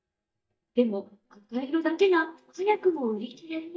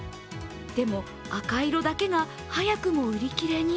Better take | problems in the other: second | noise reduction (neural mask model DeepFilterNet 3)

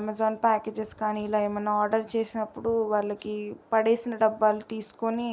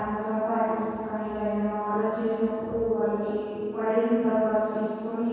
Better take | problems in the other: first | room echo; dies away in 2 s

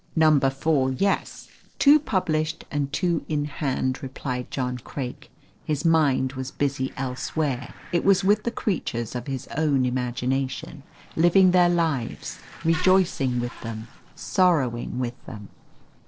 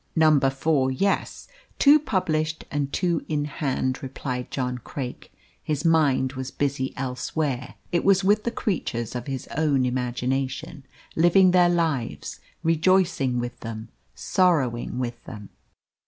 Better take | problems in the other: second | noise reduction (neural separator model SepFormer DNS4)

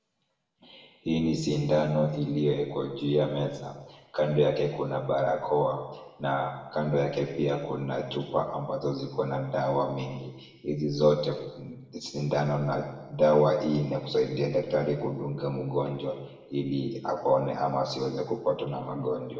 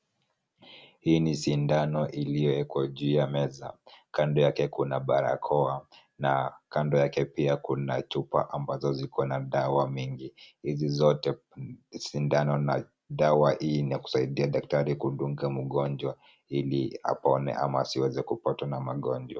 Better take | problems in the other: second | room echo; dies away in 1.1 s

